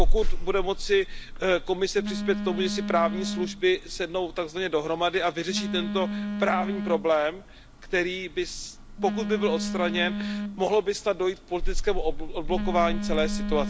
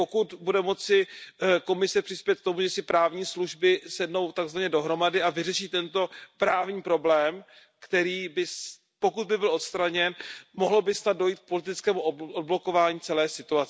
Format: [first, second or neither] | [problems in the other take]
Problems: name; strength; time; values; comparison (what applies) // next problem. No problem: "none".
second | background sound (Telephone); 1 dB below the speech